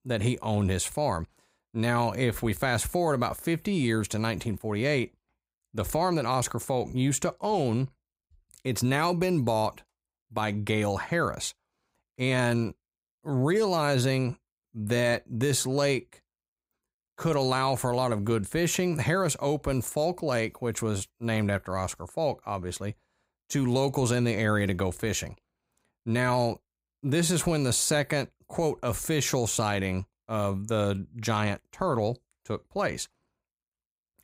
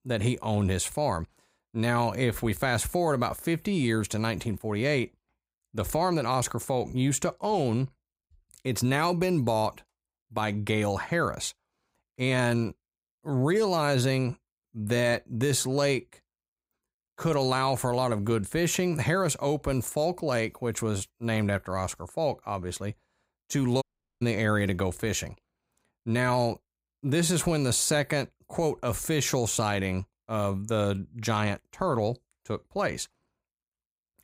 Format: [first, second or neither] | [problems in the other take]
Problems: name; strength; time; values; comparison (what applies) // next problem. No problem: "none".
first | audio cutting out; at 24 s